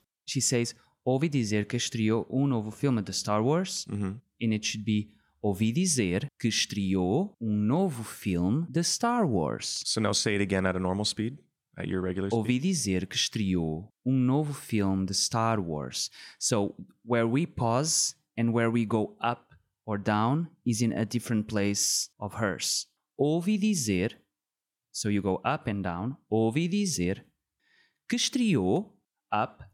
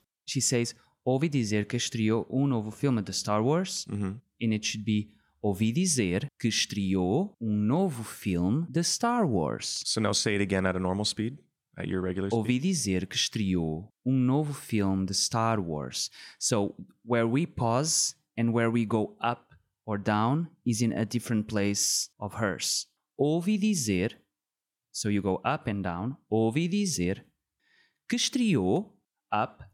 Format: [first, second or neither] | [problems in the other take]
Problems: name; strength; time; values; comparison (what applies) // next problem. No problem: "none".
neither | none